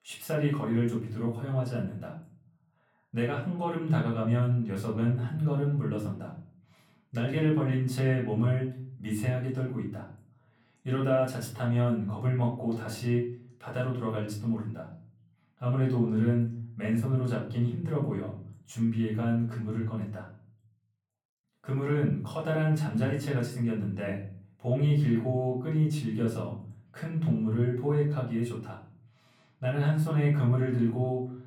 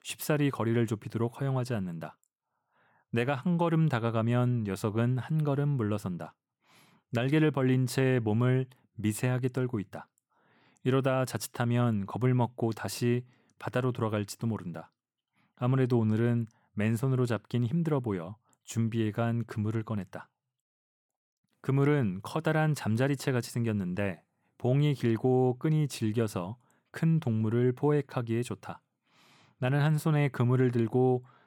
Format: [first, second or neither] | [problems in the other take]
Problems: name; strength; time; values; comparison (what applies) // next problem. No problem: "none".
second | off-mic speech; far // room echo; slight; dies away in 0.6 s